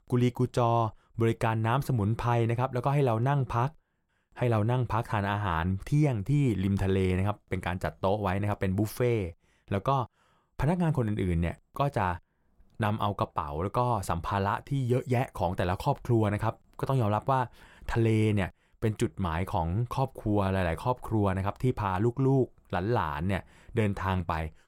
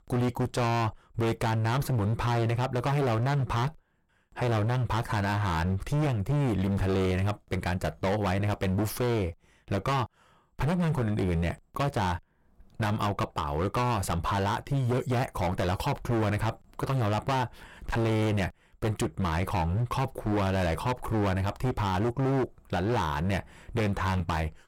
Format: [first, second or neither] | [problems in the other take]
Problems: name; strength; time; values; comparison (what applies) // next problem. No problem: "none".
first | distortion; heavy; 26% of the sound clipped